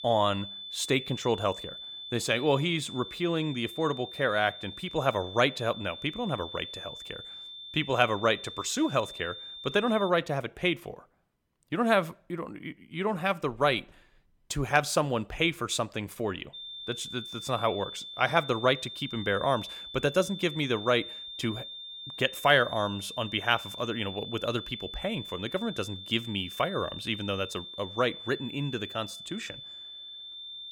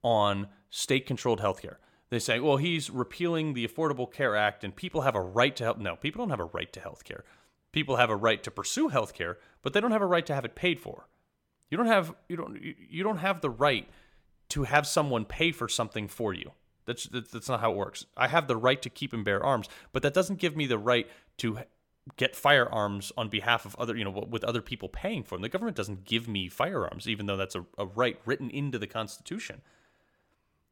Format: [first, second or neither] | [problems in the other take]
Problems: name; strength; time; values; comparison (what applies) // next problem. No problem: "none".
second | high-pitched whine; noticeable; until 10 s and from 17 s on; 3.5 kHz, 10 dB below the speech